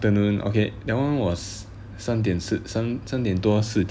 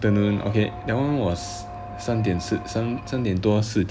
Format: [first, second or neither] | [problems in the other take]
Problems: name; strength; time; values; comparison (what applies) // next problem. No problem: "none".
first | background sound (Squeak); 15 dB below the speech